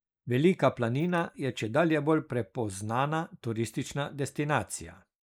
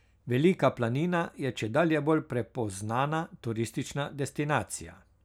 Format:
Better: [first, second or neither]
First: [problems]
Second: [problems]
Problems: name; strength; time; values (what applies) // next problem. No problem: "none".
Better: second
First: noise reduction (neural mask model Resemble Enhance denoiser)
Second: none